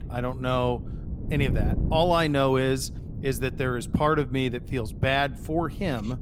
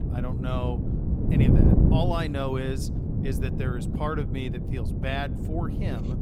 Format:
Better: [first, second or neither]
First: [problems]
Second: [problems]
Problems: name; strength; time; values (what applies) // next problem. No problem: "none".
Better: first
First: wind noise on the microphone; occasional gusts; 15 dB below the speech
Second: wind noise on the microphone; heavy; 2 dB below the speech